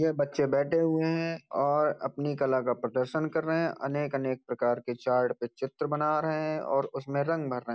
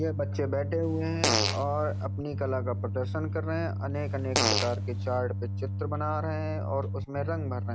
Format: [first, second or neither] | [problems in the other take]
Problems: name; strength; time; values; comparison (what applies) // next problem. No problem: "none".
first | background sound (Organ + Fart); 2 dB above the speech